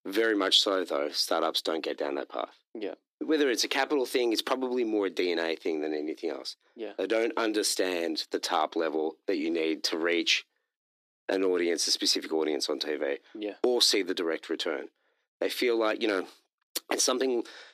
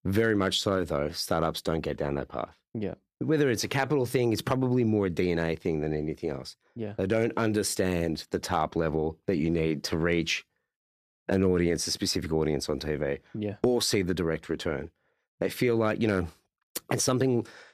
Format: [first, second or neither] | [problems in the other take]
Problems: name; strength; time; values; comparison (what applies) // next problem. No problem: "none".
second | thin; somewhat; fading below 300 Hz